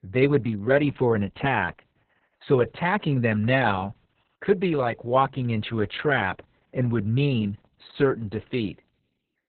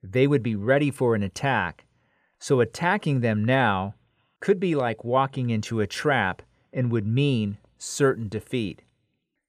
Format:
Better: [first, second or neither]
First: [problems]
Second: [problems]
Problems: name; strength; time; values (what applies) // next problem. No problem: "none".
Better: second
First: garbled, watery; badly; nothing above 4 kHz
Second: none